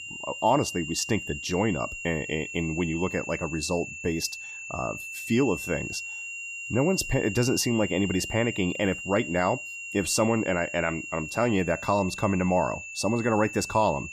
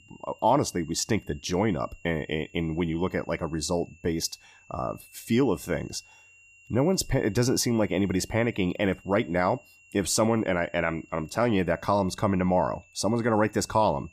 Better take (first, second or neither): second